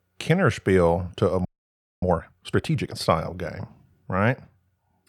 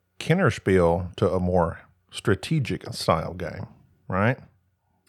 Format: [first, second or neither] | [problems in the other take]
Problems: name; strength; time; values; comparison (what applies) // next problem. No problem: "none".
second | audio freezing; at 1.5 s for 0.5 s